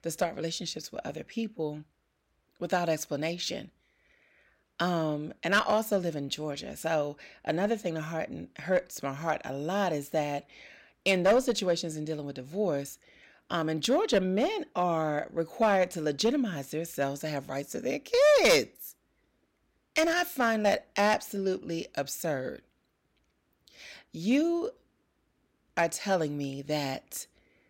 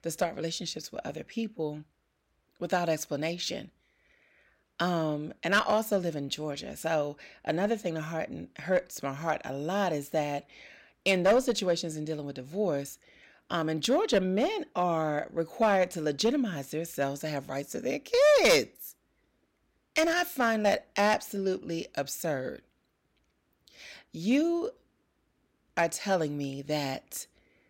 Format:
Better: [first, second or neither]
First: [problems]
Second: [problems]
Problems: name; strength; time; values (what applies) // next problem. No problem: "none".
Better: neither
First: distortion; slight; 1.8% of the sound clipped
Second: distortion; slight; 1.8% of the sound clipped